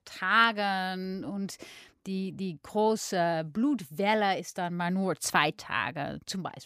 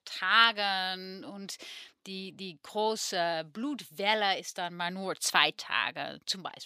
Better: first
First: none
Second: thin; somewhat; fading below 1 kHz

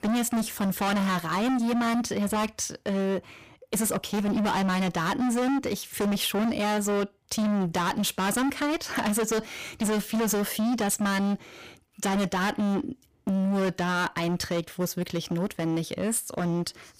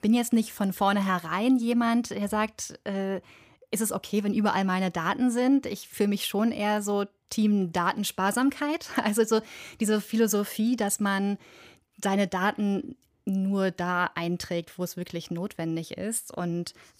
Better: second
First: distortion; heavy; 29% of the sound clipped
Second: none

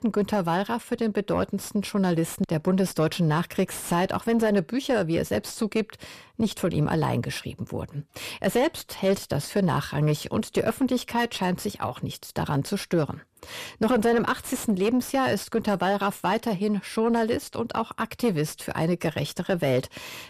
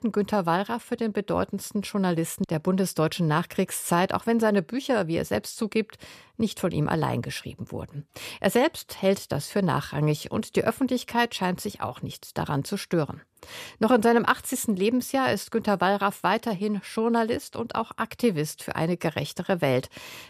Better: second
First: distortion; slight; 10 dB below the speech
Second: none

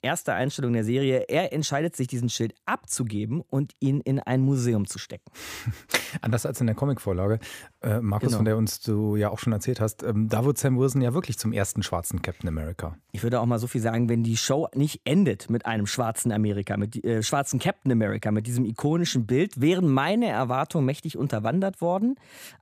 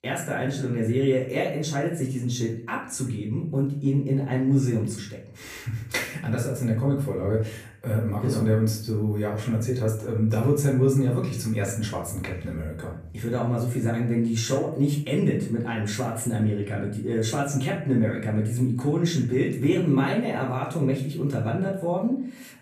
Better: first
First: none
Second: off-mic speech; far // room echo; slight; dies away in 0.5 s

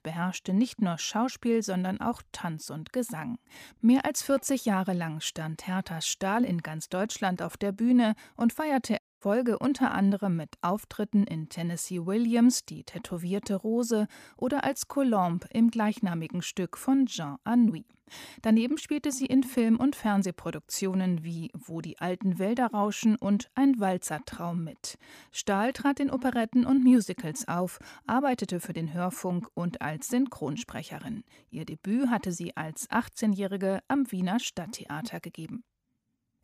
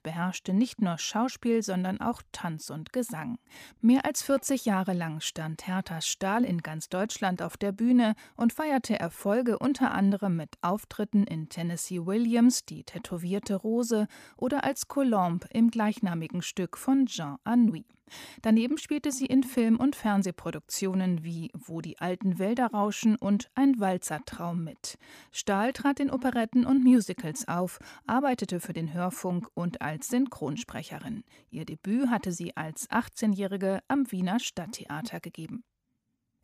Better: second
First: audio cutting out; at 9 s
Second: none

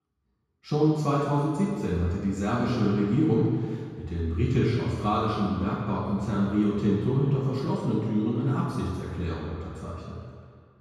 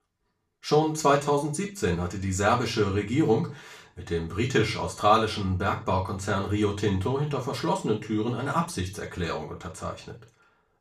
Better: second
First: room echo; strong; dies away in 2 s // off-mic speech; far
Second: room echo; slight; dies away in 0.3 s // off-mic speech; far

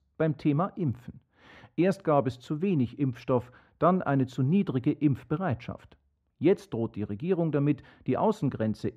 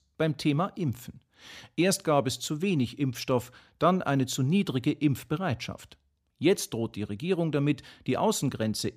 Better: second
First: muffled; very; fading above 3 kHz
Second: none

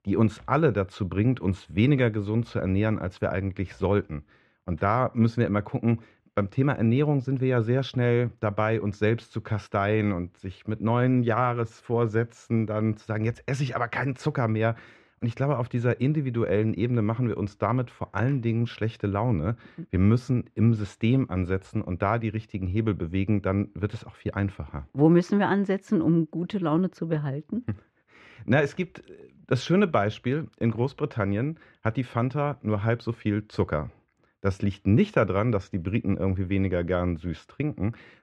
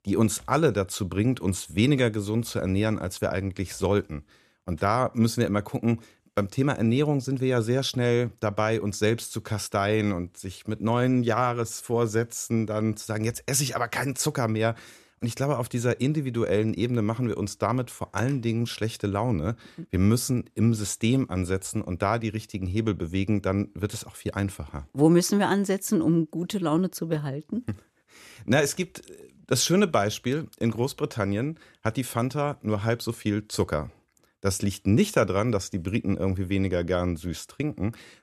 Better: second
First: muffled; very; fading above 2 kHz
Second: none

